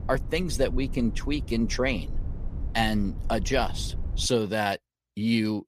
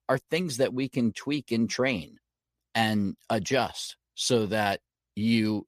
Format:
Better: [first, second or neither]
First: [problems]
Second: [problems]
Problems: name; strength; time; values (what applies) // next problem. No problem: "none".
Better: second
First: low rumble; faint; until 4.5 s; 20 dB below the speech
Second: none